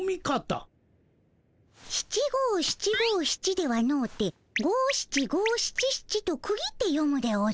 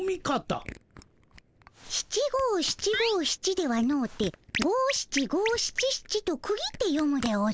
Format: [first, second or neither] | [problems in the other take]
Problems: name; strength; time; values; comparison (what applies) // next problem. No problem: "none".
first | background sound (Camera); 19 dB below the speech